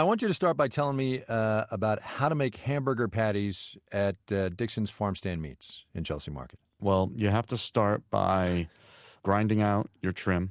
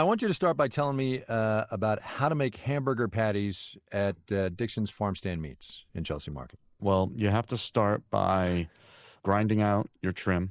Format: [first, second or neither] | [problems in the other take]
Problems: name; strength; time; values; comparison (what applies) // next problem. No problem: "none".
first | noise reduction (neural mask model Resemble Enhance denoiser)